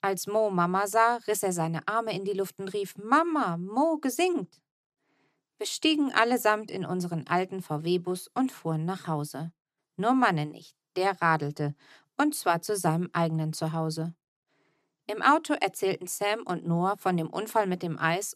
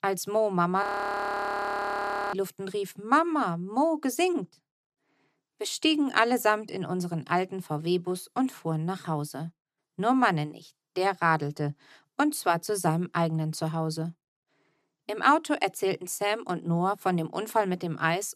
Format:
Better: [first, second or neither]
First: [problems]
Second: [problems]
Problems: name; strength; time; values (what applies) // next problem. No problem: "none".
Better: first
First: none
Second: audio freezing; at 1 s for 1.5 s